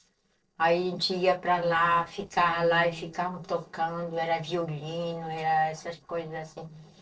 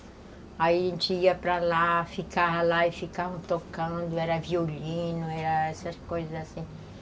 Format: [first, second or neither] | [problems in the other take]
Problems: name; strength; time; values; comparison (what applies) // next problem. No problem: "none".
second | noise reduction (neural separator model SepFormer DNS4)